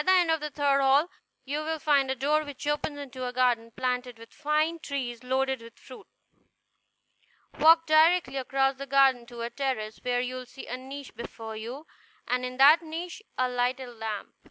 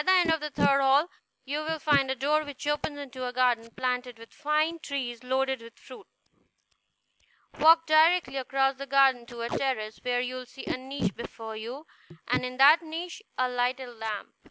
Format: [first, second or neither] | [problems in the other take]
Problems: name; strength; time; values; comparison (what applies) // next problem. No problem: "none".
first | background sound (Packing tape, duct tape); 12 dB below the speech